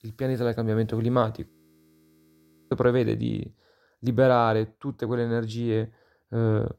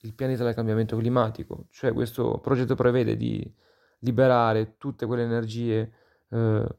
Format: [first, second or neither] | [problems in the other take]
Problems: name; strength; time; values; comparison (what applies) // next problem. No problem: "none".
second | audio freezing; at 1.5 s for 1 s